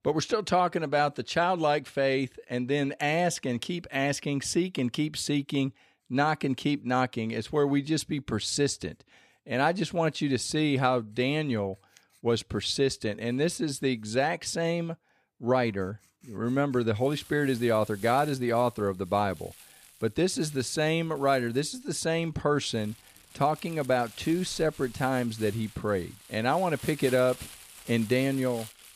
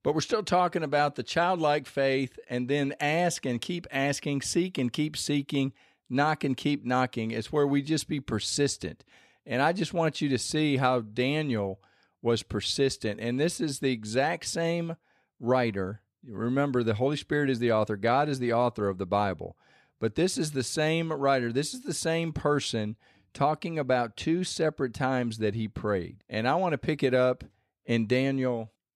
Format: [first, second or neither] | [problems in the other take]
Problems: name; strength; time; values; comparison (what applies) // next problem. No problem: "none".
second | household noises; noticeable; throughout; 20 dB below the speech